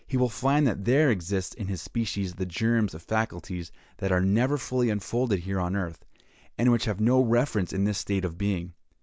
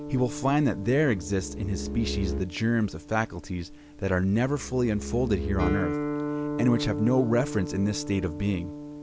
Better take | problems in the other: first | background sound (Guitar + Bowed string instrument); 6 dB below the speech

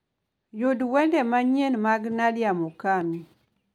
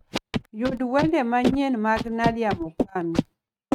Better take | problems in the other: first | noise reduction (neural mask model RNNoise)

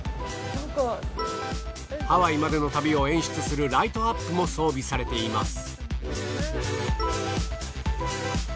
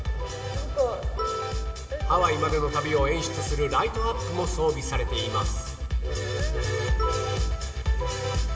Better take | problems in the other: first | room echo; dies away in 2.6 s

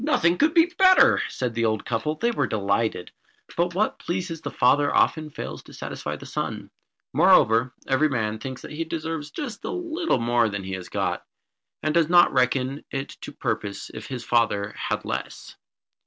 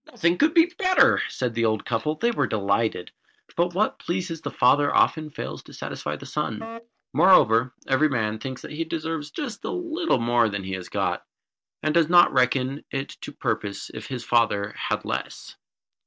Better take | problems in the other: first | noise reduction (neural mask model DeepFilterNet 3)

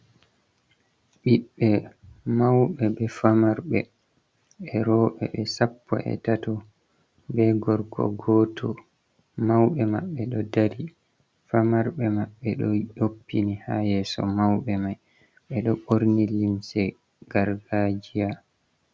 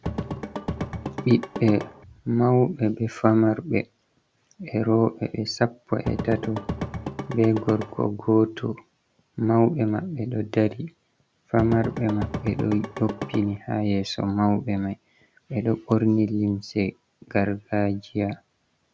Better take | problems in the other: first | background sound (Drum / Drum kit); 7 dB below the speech

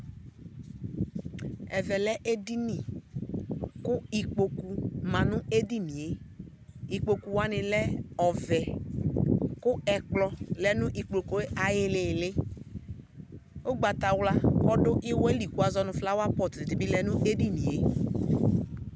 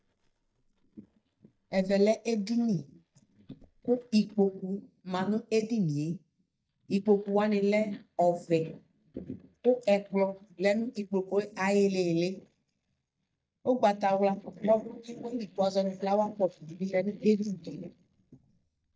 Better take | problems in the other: first | noise reduction (neural mask model DeepFilterNet 3)

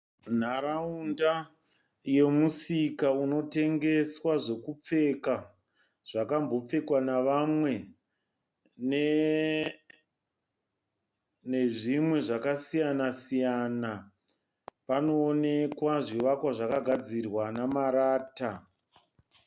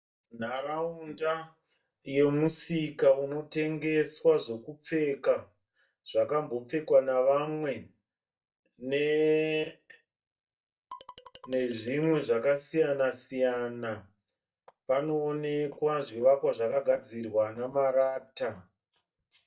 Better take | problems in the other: first | noise reduction (neural mask model DeepFilterNet 3)

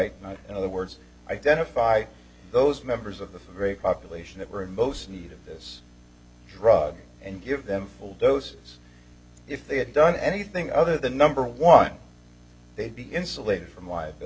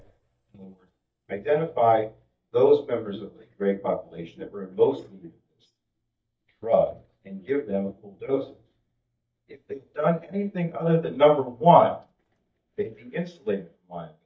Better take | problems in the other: first | noise reduction (neural mask model DeepFilterNet 3)

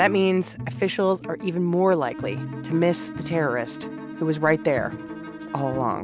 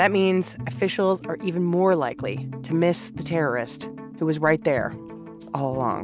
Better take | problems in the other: second | background sound (Bowed string instrument); 15 dB below the speech

